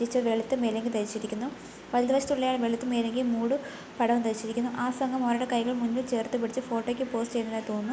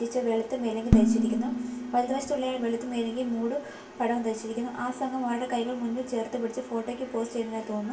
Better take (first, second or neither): first